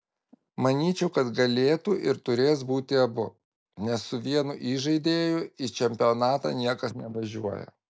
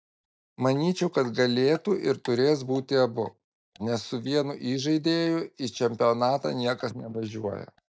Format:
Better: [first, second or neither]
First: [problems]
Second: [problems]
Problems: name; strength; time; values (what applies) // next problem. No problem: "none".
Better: first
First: none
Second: noise reduction (neural mask model DeepFilterNet 3)